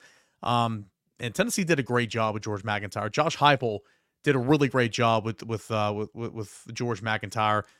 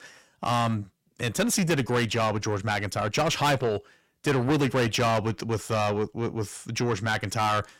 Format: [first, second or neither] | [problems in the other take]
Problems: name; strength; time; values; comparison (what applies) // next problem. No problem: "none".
first | distortion; heavy; 5 dB below the speech